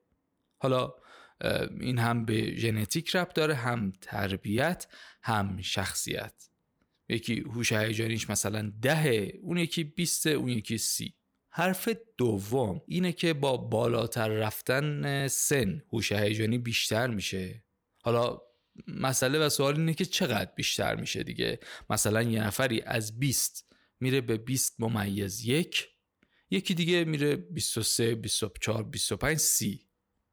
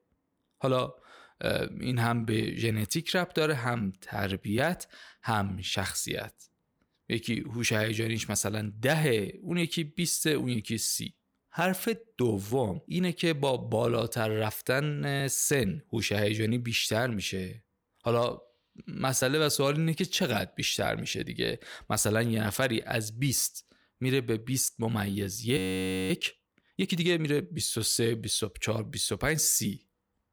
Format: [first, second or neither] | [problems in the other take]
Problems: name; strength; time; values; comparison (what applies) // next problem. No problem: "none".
first | audio freezing; at 26 s for 0.5 s